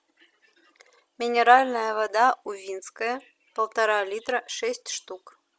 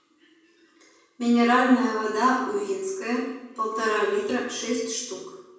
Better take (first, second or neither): first